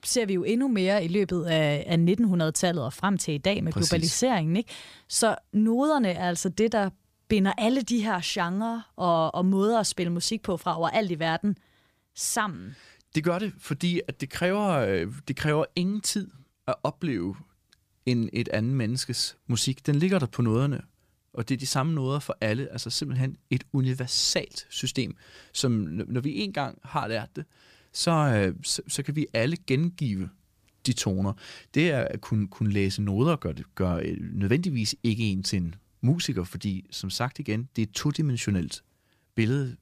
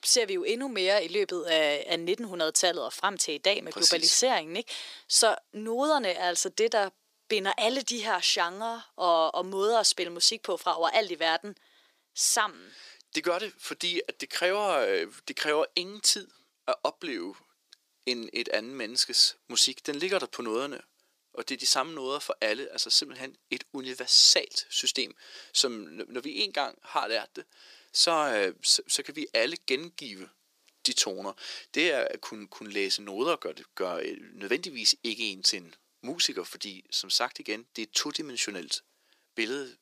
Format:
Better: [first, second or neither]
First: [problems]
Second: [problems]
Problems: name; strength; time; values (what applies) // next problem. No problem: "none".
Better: first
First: none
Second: thin; very; fading below 350 Hz